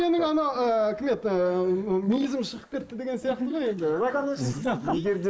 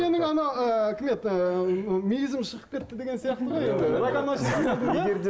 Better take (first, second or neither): second